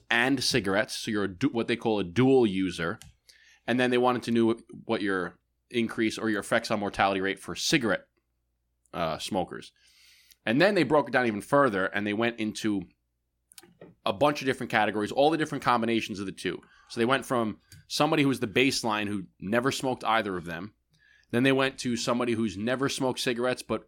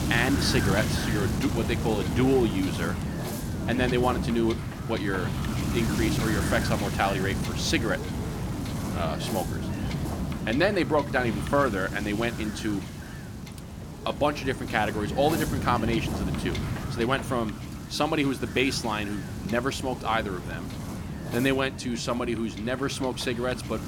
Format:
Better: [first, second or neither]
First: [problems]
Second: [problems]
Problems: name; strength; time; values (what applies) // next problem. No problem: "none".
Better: first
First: none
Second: wind noise on the microphone; heavy; 8 dB below the speech